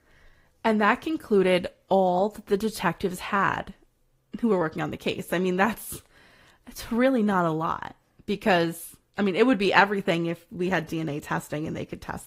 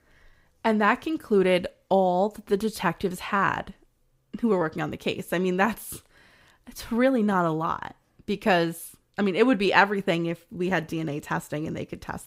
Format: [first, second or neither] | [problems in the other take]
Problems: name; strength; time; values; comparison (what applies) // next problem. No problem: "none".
second | garbled, watery; slightly; nothing above 15.5 kHz